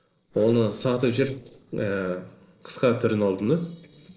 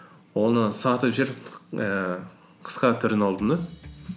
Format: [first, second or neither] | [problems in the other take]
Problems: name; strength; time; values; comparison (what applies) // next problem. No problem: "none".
second | noise reduction (neural separator model SepFormer DNS4)